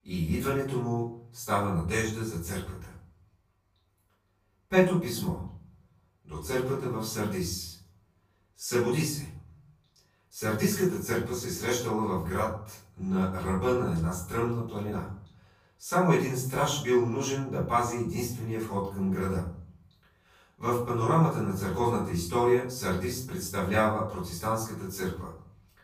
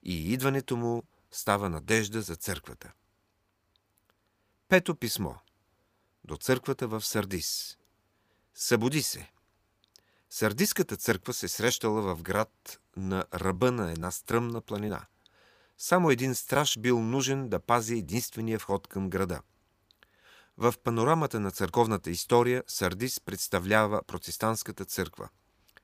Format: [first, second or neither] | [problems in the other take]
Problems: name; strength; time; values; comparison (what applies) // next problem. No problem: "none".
second | off-mic speech; far // room echo; noticeable; dies away in 0.6 s